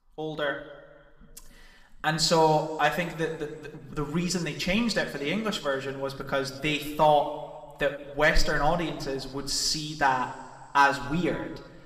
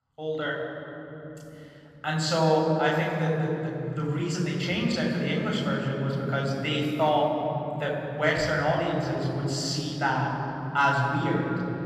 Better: first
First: room echo; slight; dies away in 1.3 s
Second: room echo; strong; dies away in 3 s // off-mic speech; far

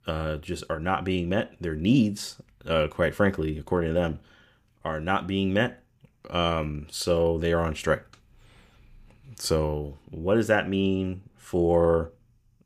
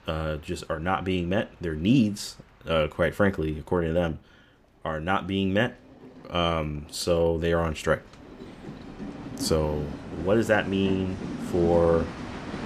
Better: first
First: none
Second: train or aircraft noise; noticeable; throughout; 10 dB below the speech

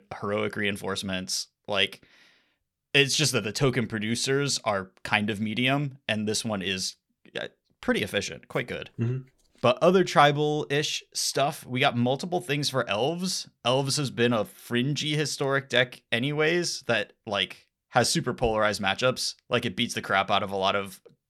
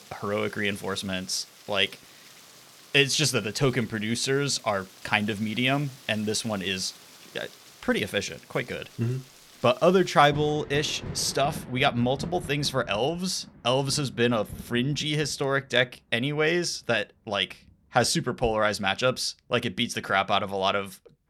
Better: first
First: none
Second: rain or running water; noticeable; throughout; 20 dB below the speech

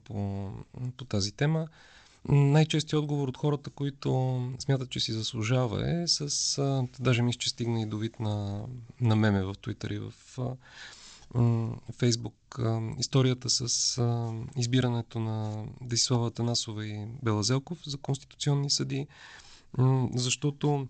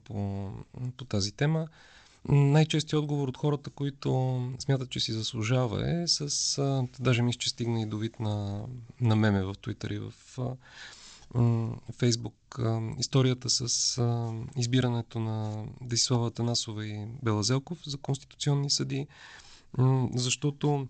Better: neither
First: garbled, watery; slightly; nothing above 8 kHz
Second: garbled, watery; slightly; nothing above 8 kHz

